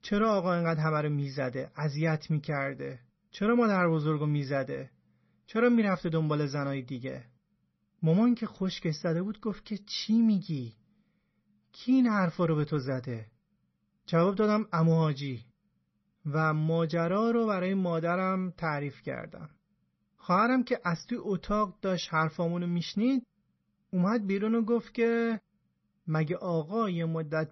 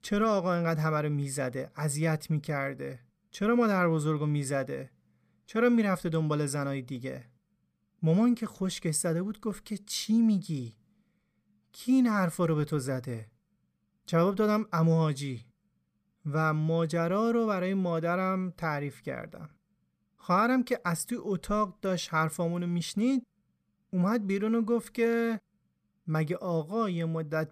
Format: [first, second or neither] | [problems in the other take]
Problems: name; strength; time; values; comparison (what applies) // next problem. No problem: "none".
second | garbled, watery; slightly; nothing above 6 kHz